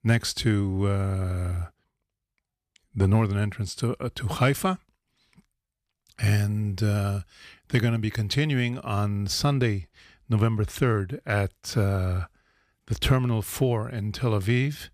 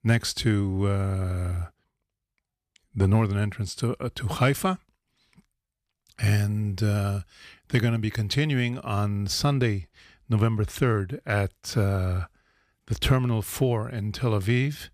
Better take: neither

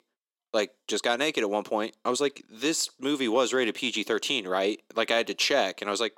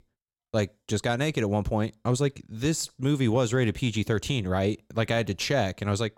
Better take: second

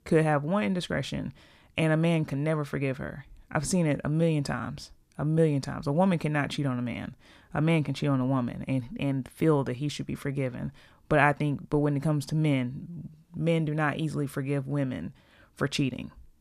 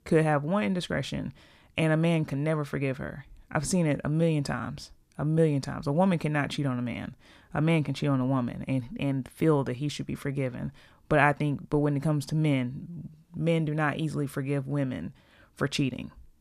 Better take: neither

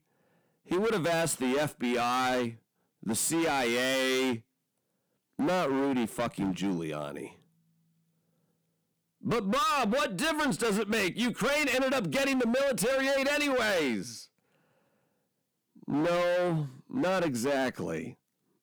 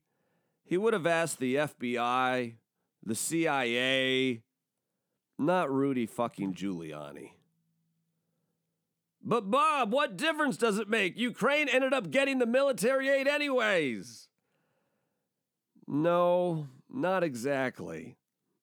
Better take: second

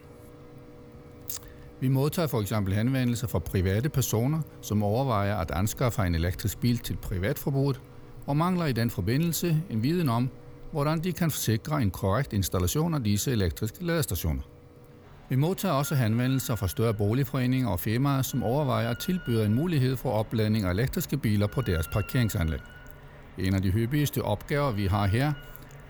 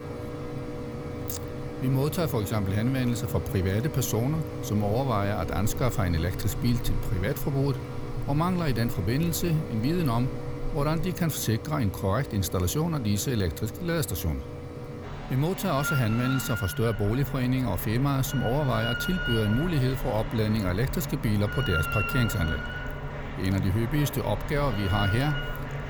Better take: first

